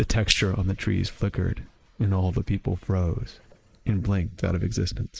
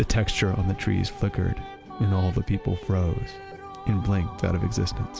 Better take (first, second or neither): second